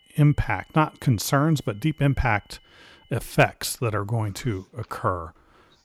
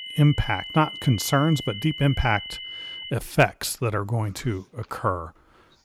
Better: first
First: high-pitched whine; faint; until 3 s; 3 kHz, 35 dB below the speech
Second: high-pitched whine; loud; until 3 s; 3 kHz, 10 dB below the speech

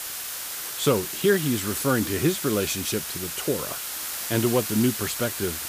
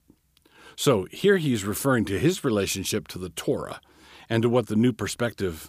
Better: second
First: hiss; loud; throughout; 4 dB below the speech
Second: none

